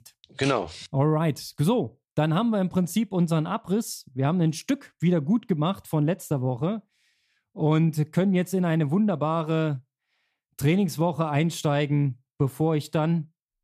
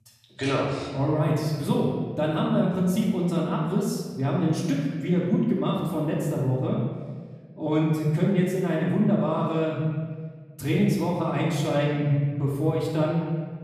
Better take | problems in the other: first | off-mic speech; far // room echo; noticeable; dies away in 1.5 s

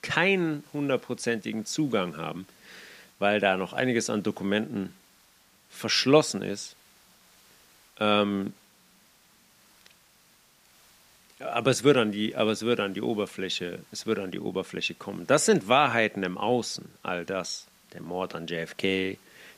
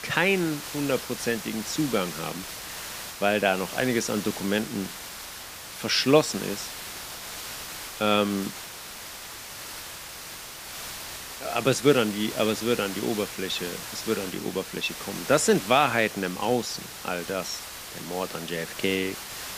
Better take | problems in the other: first | hiss; loud; throughout; 9 dB below the speech; faint in the first

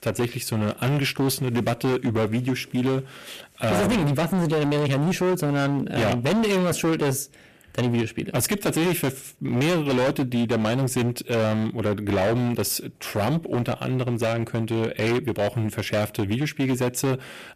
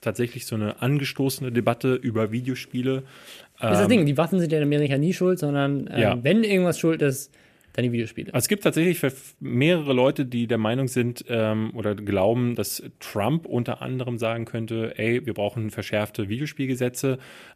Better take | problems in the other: second | distortion; heavy; 22% of the sound clipped

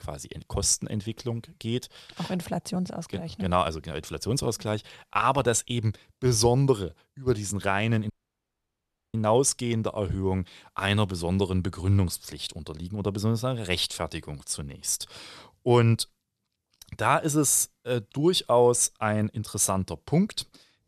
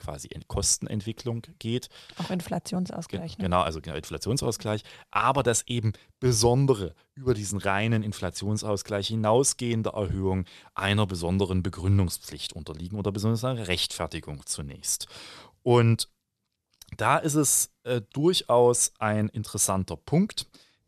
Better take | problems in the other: second | audio cutting out; at 8 s for 1 s

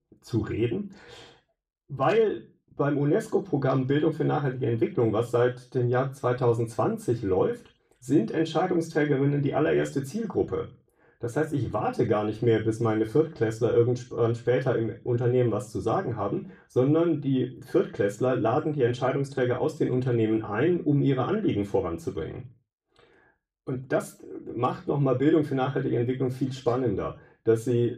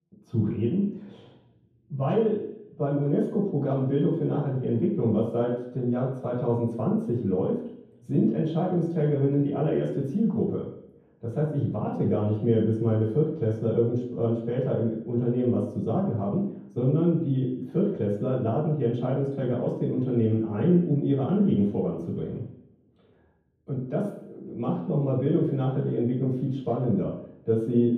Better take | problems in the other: first | room echo; strong; dies away in 0.9 s; slight in the first // off-mic speech; far; far in the first

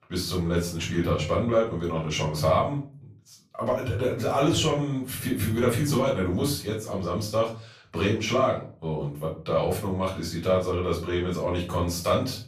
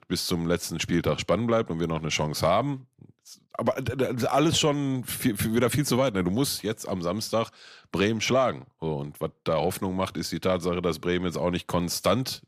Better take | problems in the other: second | off-mic speech; far // room echo; slight; dies away in 0.3 s

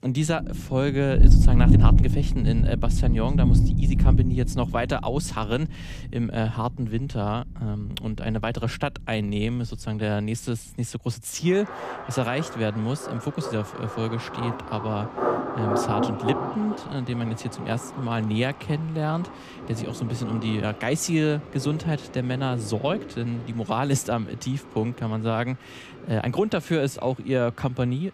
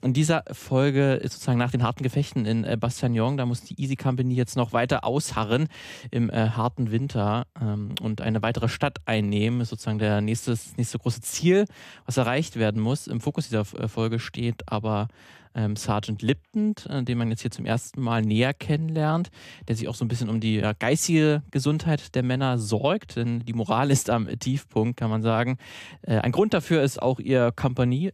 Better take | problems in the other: second | rain or running water; very loud; throughout; 2 dB above the speech

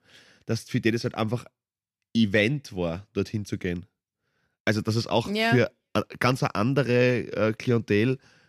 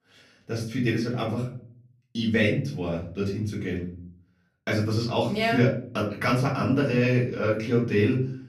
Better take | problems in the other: first | off-mic speech; far // room echo; slight; dies away in 0.5 s

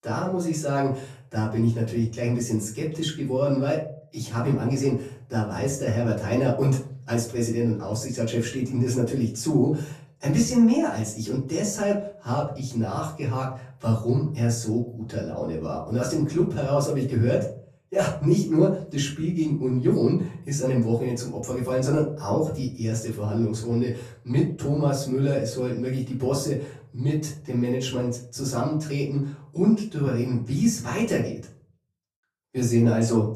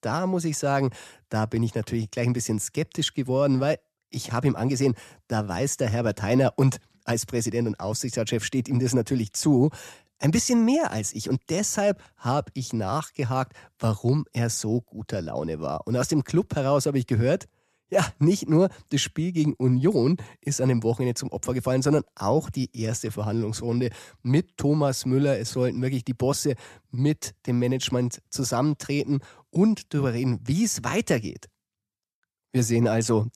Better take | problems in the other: second | off-mic speech; far // room echo; slight; dies away in 0.4 s

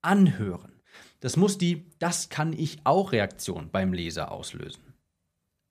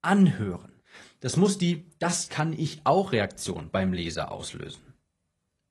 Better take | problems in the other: first | garbled, watery; slightly

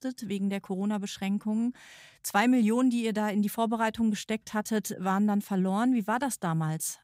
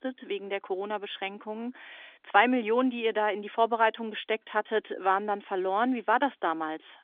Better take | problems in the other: first | phone-call audio; nothing above 3.5 kHz

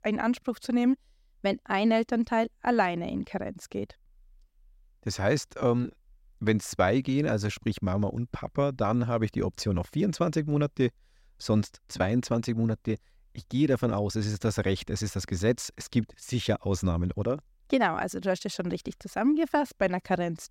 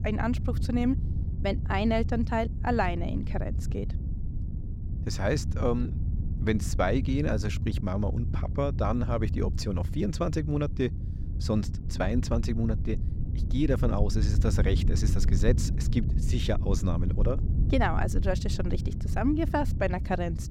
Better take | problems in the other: first | low rumble; noticeable; throughout; 10 dB below the speech

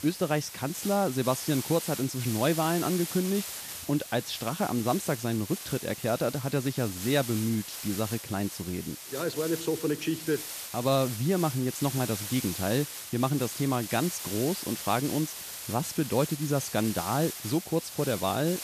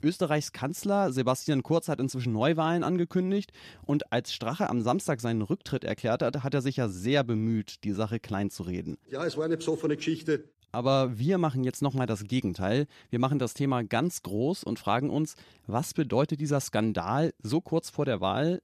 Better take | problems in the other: second | hiss; loud; throughout; 7 dB below the speech

